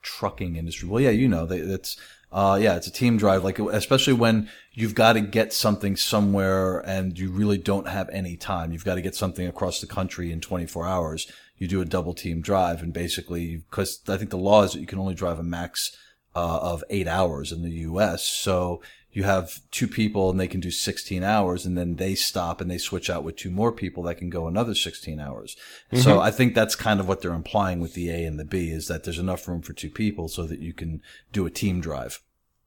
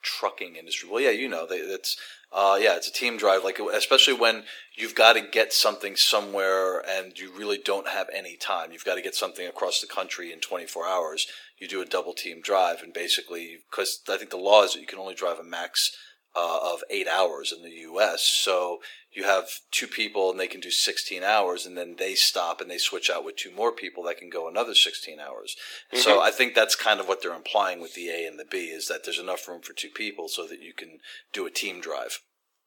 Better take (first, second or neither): first